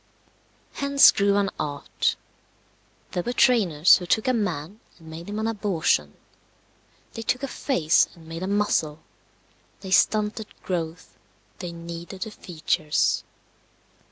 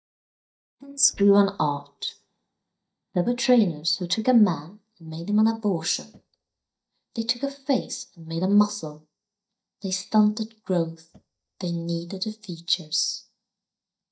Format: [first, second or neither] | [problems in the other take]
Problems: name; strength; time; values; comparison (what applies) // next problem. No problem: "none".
first | noise reduction (neural mask model DeepFilterNet 3)